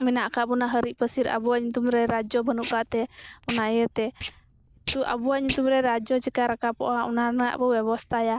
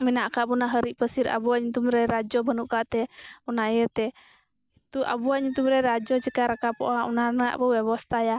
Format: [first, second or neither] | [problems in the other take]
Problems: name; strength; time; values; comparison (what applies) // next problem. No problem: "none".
second | noise reduction (neural mask model Resemble Enhance denoiser)